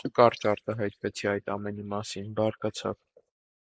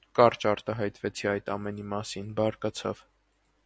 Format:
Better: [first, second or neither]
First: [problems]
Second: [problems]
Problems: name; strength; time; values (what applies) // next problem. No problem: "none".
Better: second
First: noise reduction (neural mask model Resemble Enhance denoiser)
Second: none